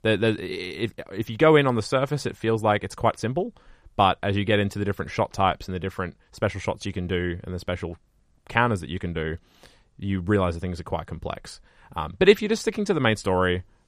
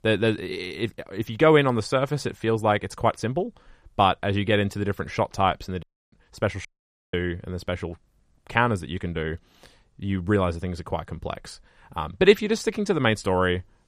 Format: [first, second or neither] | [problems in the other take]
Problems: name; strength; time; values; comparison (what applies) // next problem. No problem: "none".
first | audio cutting out; at 6 s and at 6.5 s